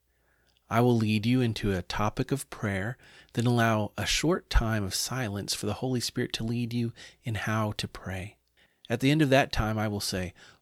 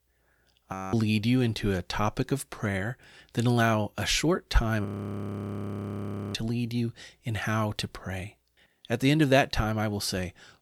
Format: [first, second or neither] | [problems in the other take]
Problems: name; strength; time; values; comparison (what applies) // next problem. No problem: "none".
first | audio freezing; at 0.5 s and at 5 s for 1.5 s